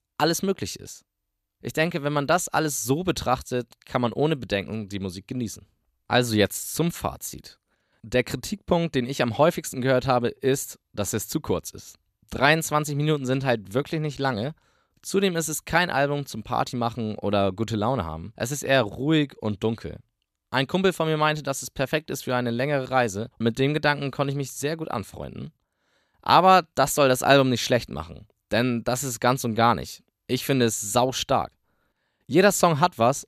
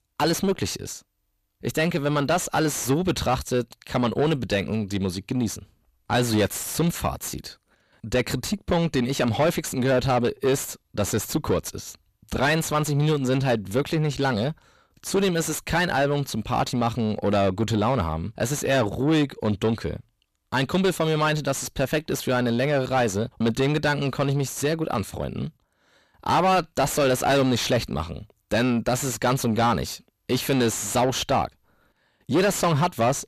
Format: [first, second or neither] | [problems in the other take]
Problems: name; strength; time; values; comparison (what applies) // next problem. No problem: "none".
first | distortion; heavy; 6 dB below the speech